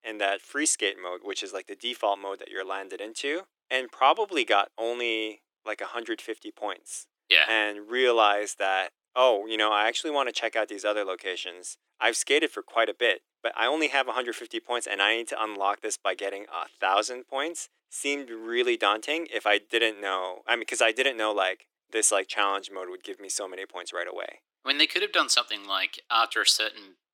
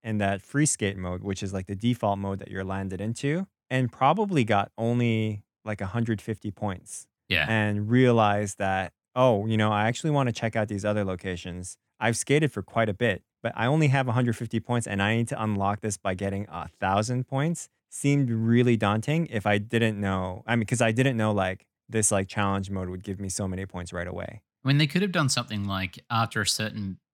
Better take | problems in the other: second | thin; very; fading below 300 Hz

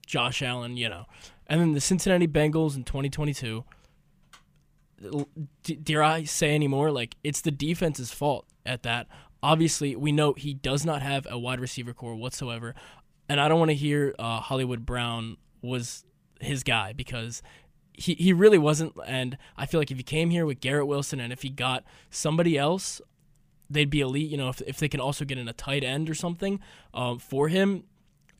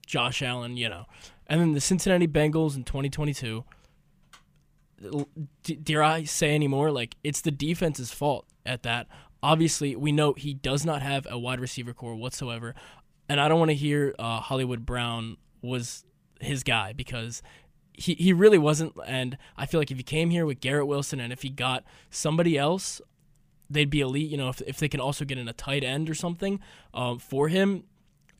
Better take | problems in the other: neither | none

